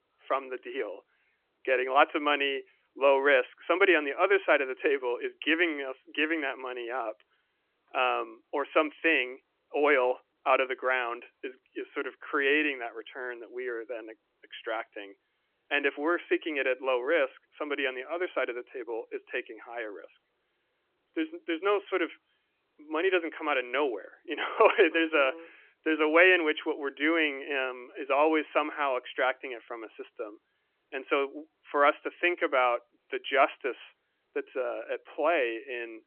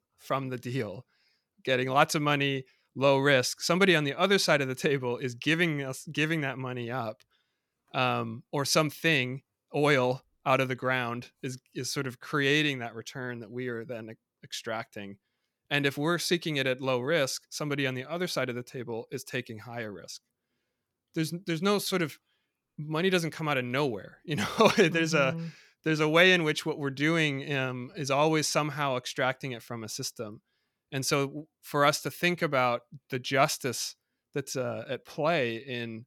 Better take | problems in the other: second | phone-call audio; nothing above 3 kHz

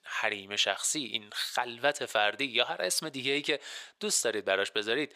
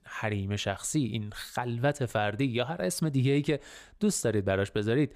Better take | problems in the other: second | thin; very; fading below 550 Hz

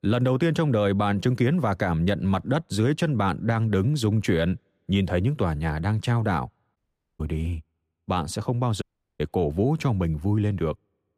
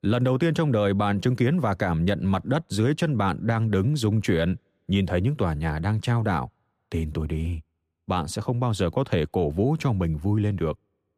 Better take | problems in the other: second | audio cutting out; at 7 s and at 9 s

